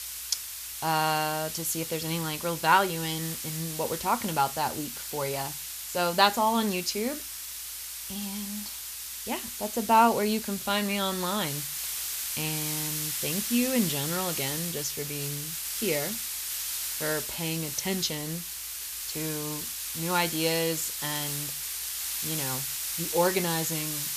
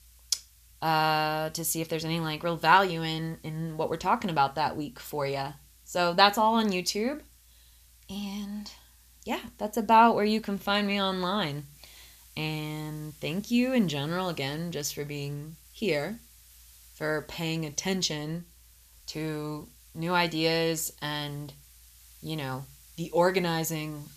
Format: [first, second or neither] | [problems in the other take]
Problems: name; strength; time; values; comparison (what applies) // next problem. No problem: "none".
second | hiss; loud; throughout; 3 dB below the speech; faint in the second